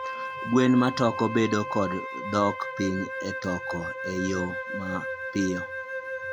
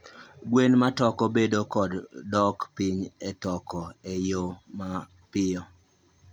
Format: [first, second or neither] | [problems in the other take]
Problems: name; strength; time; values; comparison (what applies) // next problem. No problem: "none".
second | background sound (Wind instrument, woodwind instrument); 6 dB below the speech